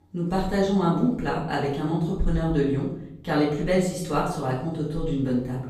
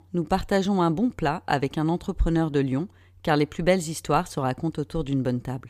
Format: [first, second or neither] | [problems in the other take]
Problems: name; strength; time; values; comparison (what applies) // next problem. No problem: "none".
second | room echo; noticeable; dies away in 0.6 s // off-mic speech; far